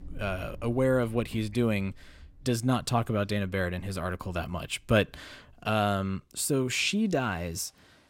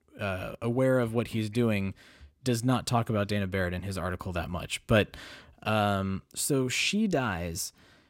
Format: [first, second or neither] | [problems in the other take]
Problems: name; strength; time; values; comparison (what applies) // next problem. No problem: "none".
second | rain or running water; faint; throughout; 25 dB below the speech